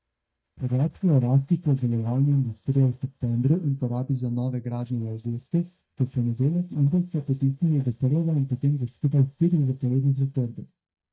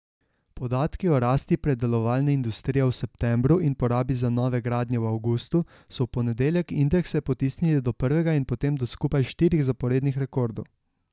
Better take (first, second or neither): second